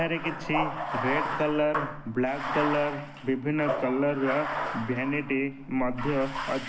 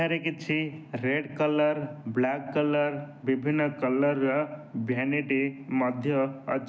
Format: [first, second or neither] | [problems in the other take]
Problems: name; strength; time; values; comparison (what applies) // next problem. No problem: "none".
second | background sound (Bathtub (filling or washing)); 5 dB below the speech